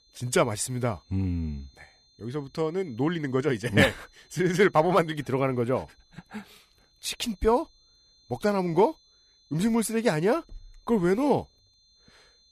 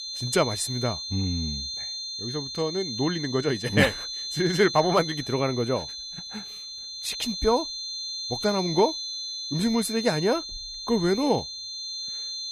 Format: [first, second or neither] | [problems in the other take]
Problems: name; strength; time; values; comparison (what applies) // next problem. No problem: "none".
first | high-pitched whine; loud; throughout; 4 kHz, 6 dB below the speech; faint in the first